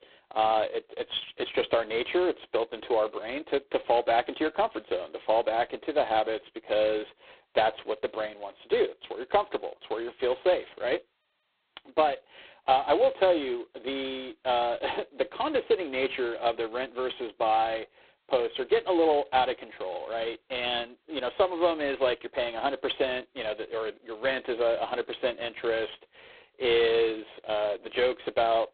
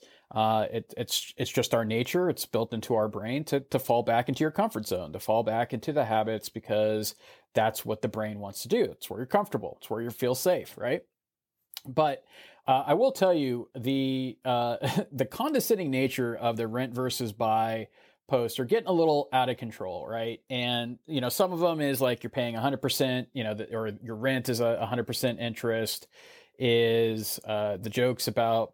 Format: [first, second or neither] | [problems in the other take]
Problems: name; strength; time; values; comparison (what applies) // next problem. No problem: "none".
second | phone-call audio; poor line; nothing above 4 kHz